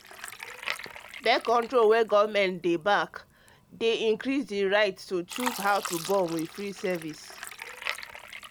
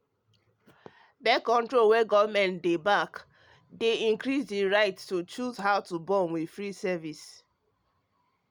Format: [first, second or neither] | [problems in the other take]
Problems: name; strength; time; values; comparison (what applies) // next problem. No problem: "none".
second | background sound (Fill (with liquid)); 13 dB below the speech